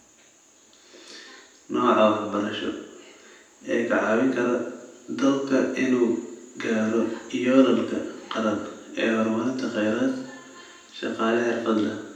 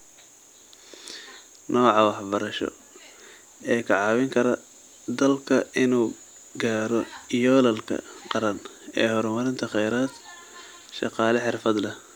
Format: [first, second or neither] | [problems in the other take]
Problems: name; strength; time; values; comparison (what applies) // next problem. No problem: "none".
second | room echo; dies away in 0.9 s